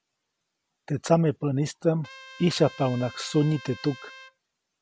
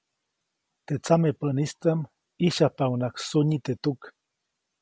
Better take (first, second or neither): second